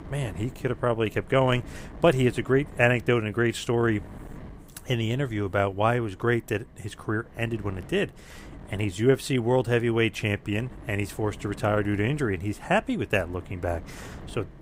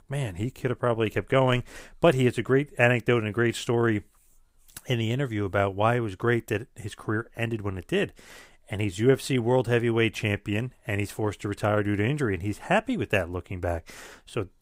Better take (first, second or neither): second